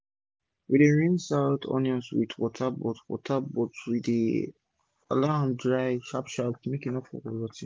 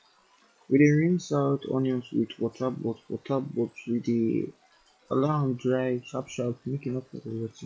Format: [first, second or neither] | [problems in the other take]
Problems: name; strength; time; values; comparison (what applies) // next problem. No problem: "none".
first | noise reduction (classical method log-MMSE)